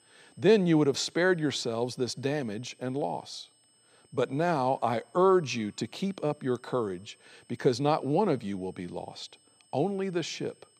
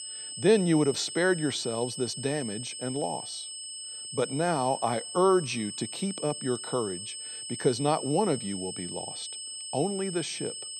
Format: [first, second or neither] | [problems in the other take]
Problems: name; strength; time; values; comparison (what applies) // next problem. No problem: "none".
first | high-pitched whine; loud; throughout; 8 kHz, 7 dB below the speech; faint in the first